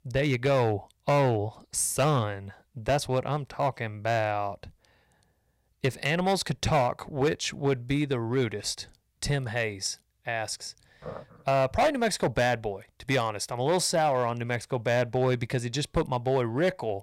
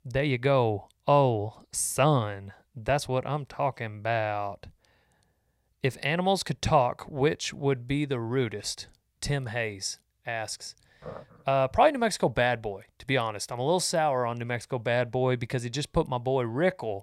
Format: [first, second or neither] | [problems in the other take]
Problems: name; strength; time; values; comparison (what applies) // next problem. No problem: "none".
second | distortion; slight; 5% of the sound clipped